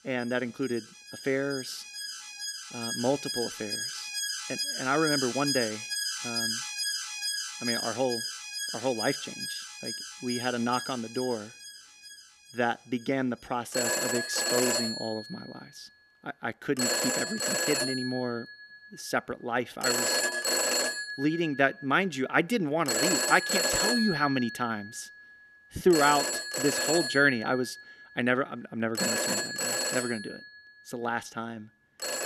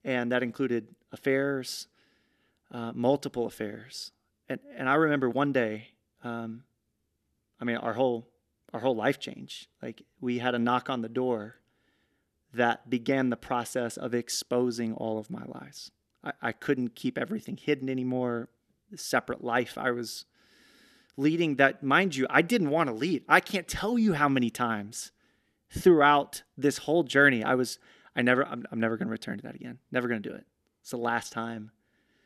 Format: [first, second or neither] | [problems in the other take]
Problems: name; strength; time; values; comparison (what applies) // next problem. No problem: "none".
second | alarms or sirens; very loud; throughout; as loud as the speech